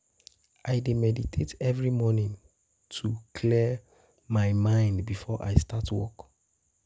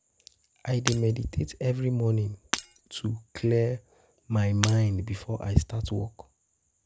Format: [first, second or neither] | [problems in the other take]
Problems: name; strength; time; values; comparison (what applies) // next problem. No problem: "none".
first | background sound (Shatter); 11 dB below the speech